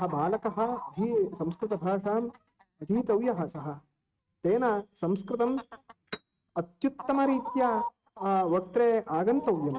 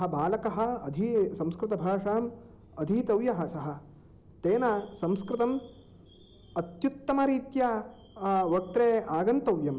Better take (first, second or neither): second